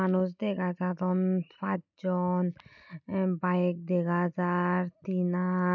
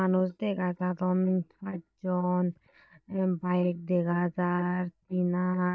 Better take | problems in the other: first | noise reduction (neural mask model DeepFilterNet 3)

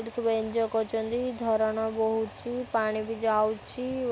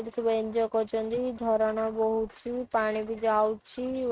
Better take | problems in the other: first | noise reduction (neural mask model RNNoise)

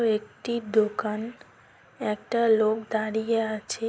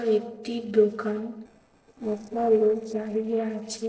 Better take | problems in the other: first | noise reduction (neural separator model SepFormer DNS4)

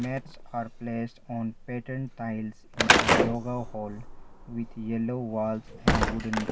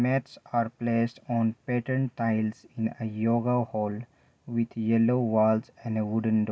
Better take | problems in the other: second | background sound (Slam / Wood); 3 dB above the speech

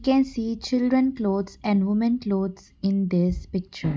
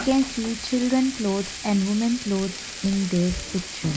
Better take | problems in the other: first | background sound (Frying (food)); 11 dB below the speech

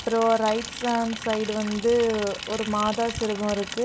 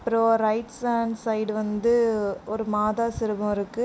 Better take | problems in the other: second | background sound (Liquid); 11 dB below the speech

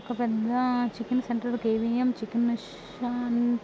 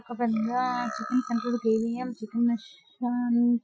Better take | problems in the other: first | noise reduction (classical method Wiener filter)

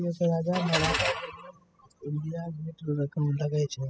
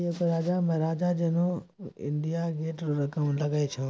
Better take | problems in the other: second | noise reduction (classical method spectral subtraction)

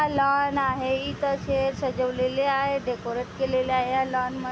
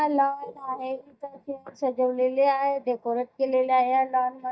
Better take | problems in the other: first | noise reduction (neural mask model DeepFilterNet 3)

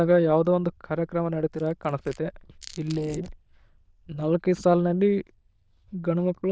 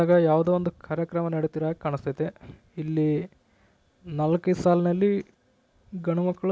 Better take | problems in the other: second | noise reduction (neural diffusion model UNIVERSE++)

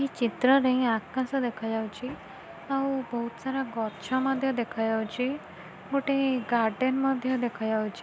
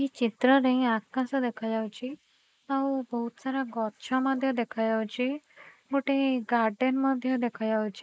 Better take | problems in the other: first | noise reduction (neural mask model Resemble Enhance denoiser)

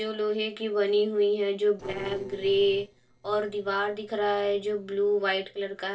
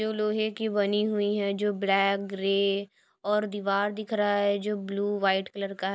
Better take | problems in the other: second | noise reduction (neural separator model SepFormer DNS4)

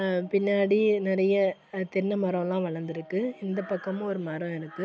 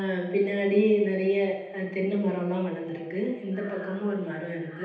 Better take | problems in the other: first | room echo; dies away in 0.9 s

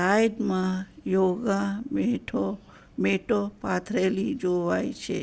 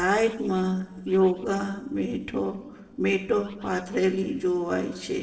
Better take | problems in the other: first | noise reduction (neural separator model SepFormer DNS4)

